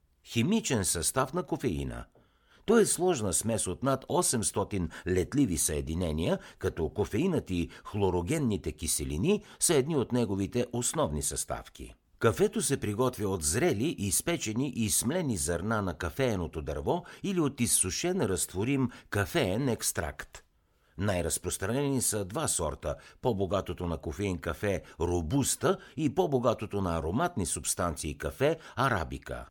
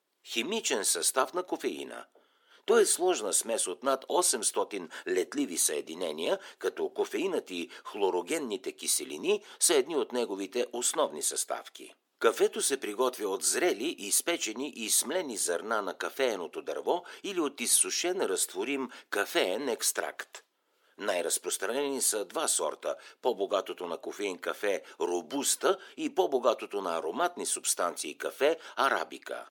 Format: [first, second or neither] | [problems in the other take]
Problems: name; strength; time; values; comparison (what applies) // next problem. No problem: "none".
first | thin; somewhat; fading below 350 Hz